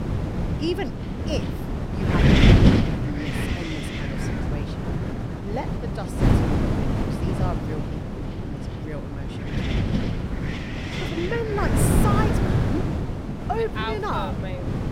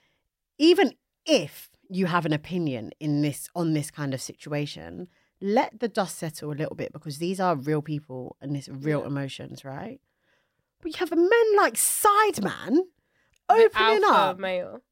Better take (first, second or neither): second